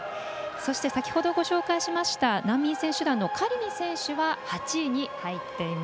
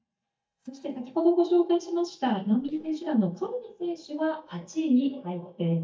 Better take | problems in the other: first | noise reduction (neural mask model DeepFilterNet 3)

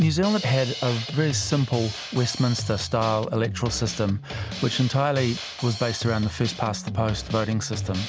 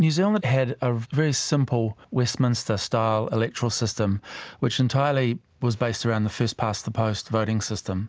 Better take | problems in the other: second | background sound (Drum kit); 9 dB below the speech

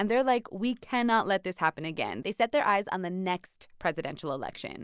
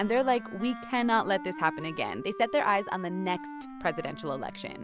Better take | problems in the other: first | background sound (Wind instrument, woodwind instrument); 12 dB below the speech

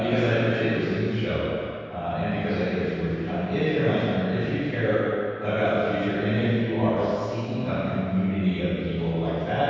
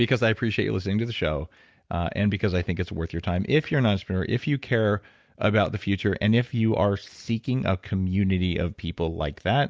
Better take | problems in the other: second | room echo; dies away in 2.2 s

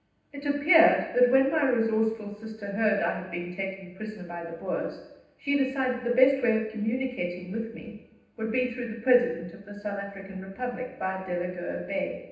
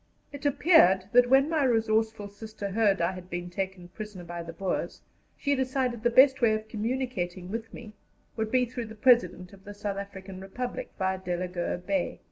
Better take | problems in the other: second | room echo; dies away in 0.9 s

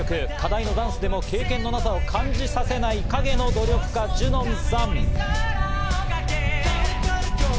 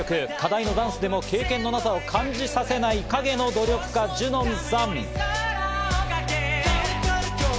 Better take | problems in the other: second | background sound (Wind); 3 dB above the speech

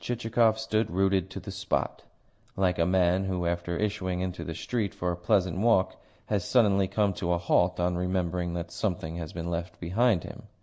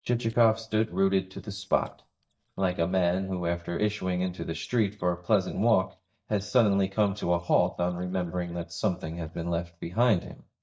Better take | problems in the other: first | noise reduction (neural mask model DeepFilterNet 3)

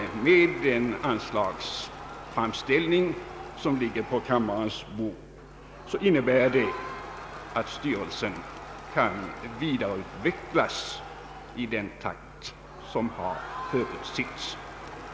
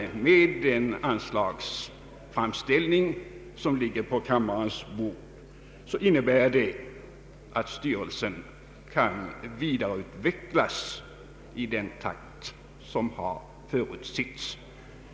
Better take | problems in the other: second | background sound (Crowd); 13 dB below the speech

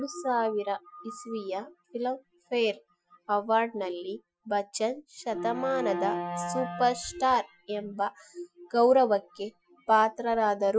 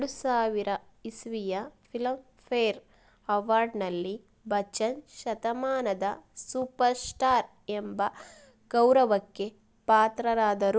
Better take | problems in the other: second | noise reduction (classical method Wiener filter)

